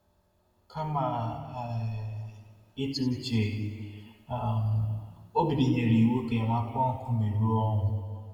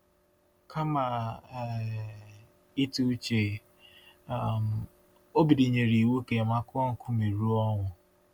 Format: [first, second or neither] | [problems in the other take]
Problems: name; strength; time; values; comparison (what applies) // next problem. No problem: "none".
second | room echo; dies away in 1.5 s